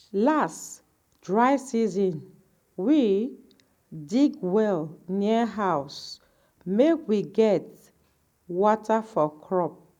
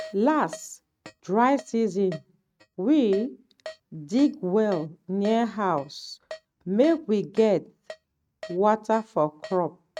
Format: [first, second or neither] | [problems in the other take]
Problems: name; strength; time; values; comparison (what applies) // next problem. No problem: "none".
first | noise reduction (neural mask model RNNoise)